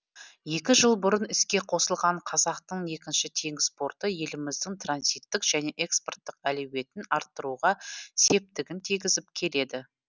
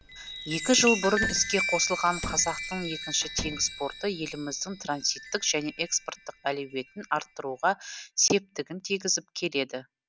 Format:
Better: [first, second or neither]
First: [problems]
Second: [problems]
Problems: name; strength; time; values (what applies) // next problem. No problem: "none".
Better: first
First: none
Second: background sound (Slam + Chime); 8 dB below the speech